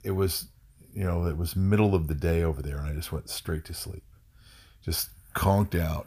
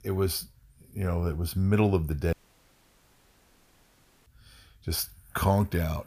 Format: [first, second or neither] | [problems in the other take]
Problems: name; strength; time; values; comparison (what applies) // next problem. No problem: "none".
first | audio cutting out; at 2.5 s for 2 s